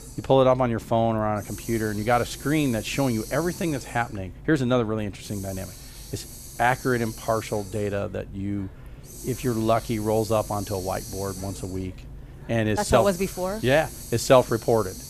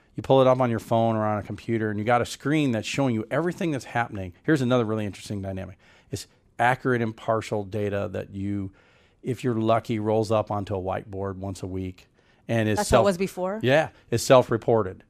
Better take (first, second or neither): second